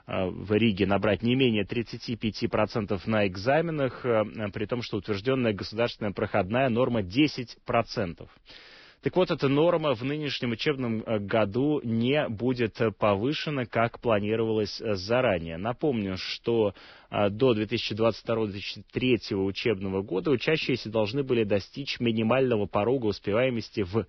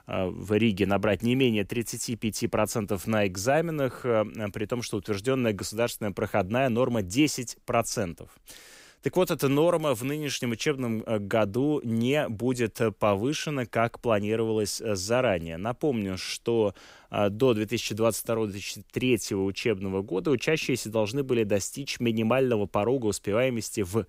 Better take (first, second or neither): second